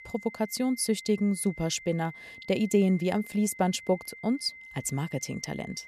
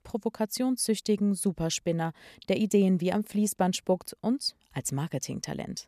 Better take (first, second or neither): second